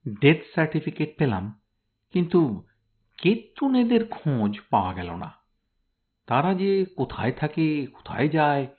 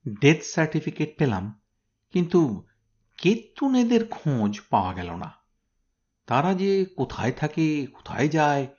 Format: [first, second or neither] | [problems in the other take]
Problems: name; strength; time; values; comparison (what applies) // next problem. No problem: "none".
second | garbled, watery; badly; nothing above 4 kHz; slightly in the second